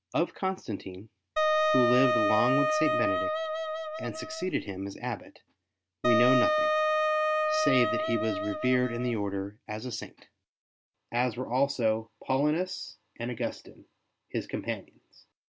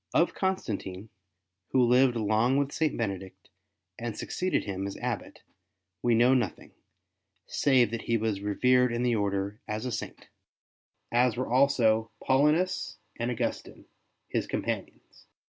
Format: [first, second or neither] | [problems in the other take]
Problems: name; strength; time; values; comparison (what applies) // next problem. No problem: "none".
second | background sound (Wind instrument, woodwind instrument); 4 dB above the speech